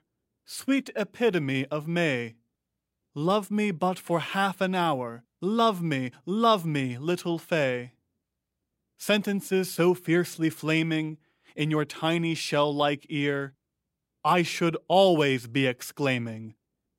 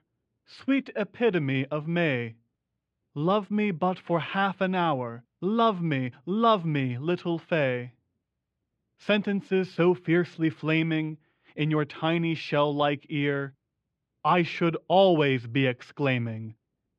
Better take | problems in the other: first | muffled; slightly; fading above 3.5 kHz

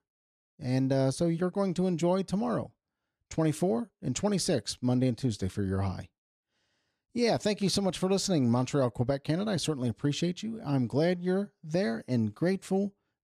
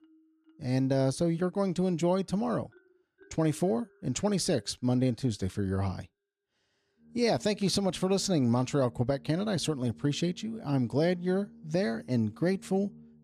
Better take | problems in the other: first | background music; faint; throughout; 25 dB below the speech

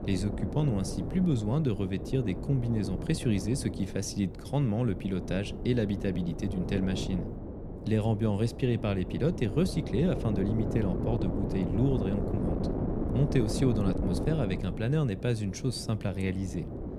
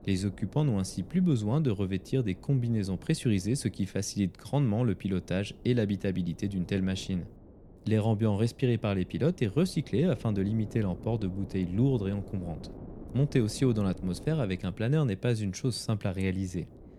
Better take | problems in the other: second | wind noise on the microphone; heavy; 5 dB below the speech; occasional gusts in the second

